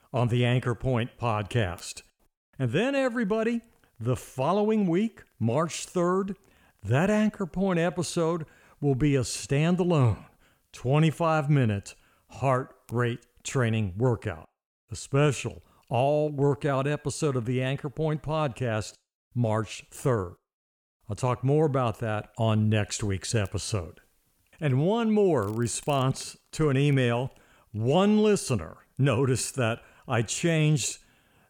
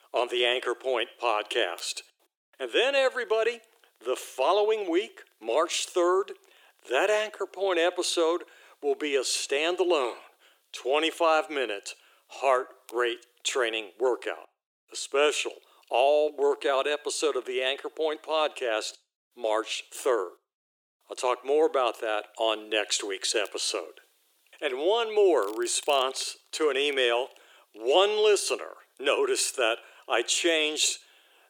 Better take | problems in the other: first | thin; very; fading below 350 Hz

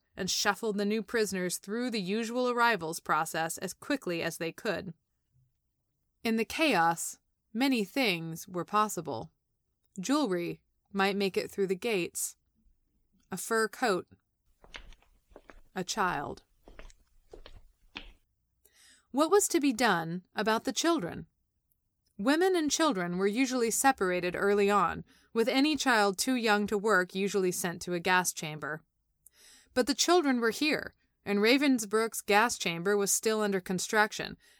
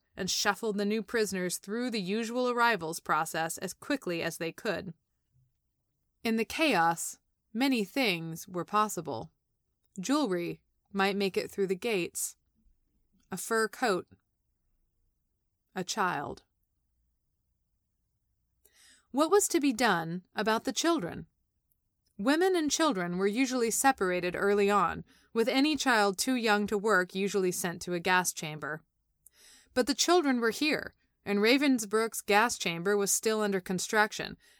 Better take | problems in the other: second | footsteps; faint; from 15 to 18 s; peak 20 dB below the speech

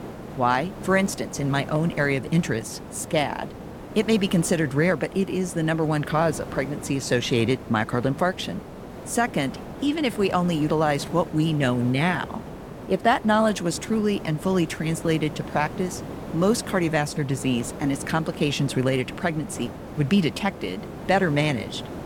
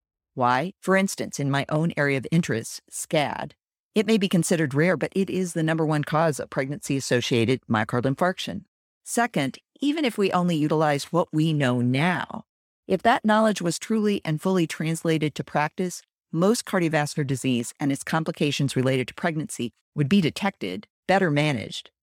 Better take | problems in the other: second | hiss; noticeable; throughout; 15 dB below the speech

